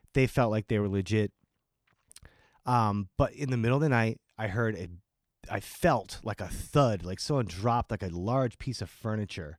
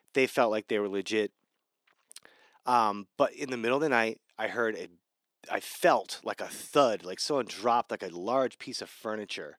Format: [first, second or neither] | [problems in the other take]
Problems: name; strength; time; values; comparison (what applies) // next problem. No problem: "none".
first | thin; somewhat; fading below 300 Hz